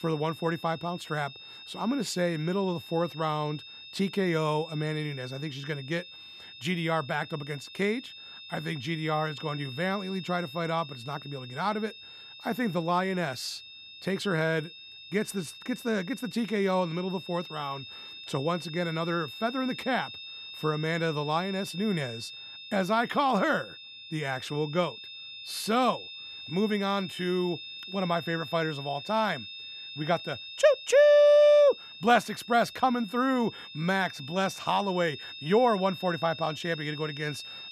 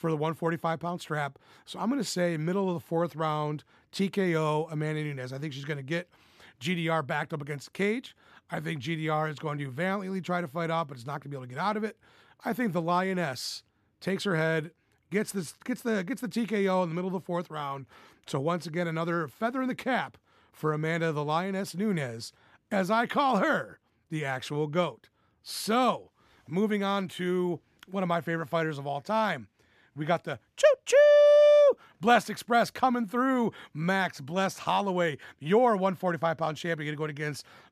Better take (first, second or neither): second